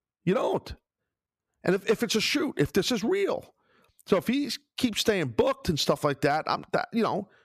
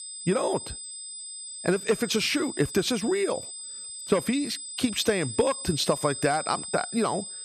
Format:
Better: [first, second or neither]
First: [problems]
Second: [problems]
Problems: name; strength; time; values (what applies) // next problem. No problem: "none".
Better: first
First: none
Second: high-pitched whine; loud; throughout; 8 kHz, 8 dB below the speech